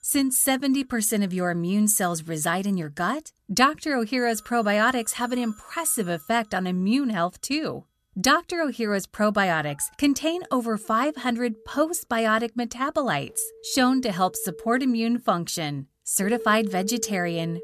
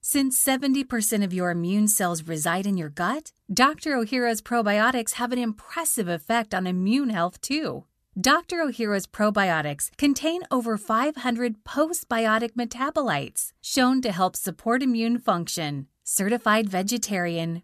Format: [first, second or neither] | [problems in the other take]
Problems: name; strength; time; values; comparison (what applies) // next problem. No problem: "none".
second | alarms or sirens; noticeable; throughout; 20 dB below the speech